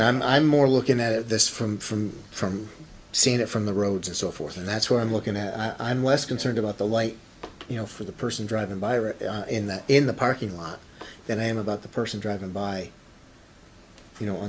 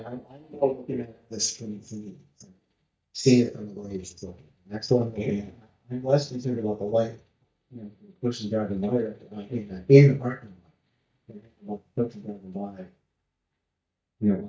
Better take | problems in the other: first | noise reduction (neural mask model DeepFilterNet 3)

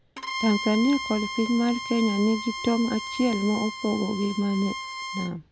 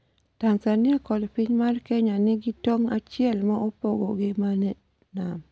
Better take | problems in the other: second | background sound (Bowed string instrument); 9 dB below the speech

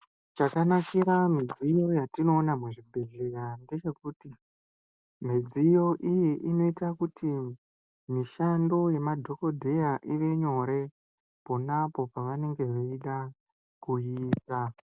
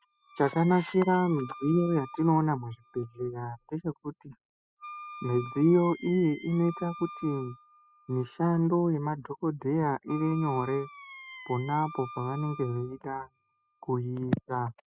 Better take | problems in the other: first | noise reduction (classical method spectral subtraction)

